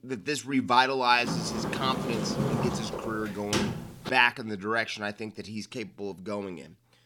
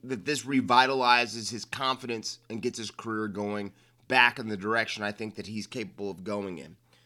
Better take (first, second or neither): second